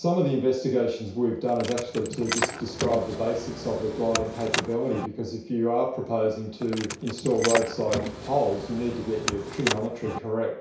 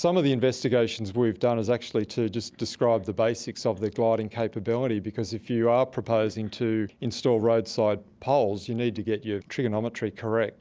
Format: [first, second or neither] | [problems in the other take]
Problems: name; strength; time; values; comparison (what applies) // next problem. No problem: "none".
second | background sound (Car); 6 dB below the speech // room echo; dies away in 0.6 s